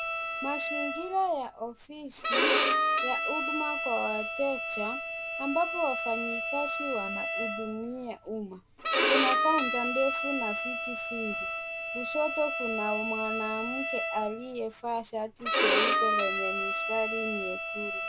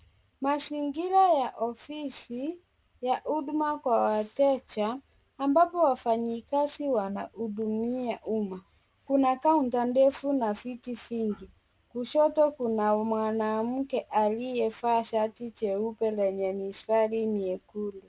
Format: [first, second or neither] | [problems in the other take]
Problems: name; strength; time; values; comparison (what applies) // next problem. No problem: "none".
second | background sound (Bowed string instrument); 3 dB above the speech